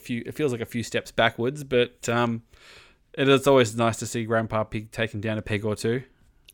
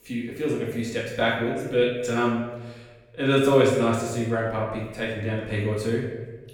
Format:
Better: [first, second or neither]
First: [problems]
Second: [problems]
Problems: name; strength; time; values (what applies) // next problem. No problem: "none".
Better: first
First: none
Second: off-mic speech; far // room echo; noticeable; dies away in 1 s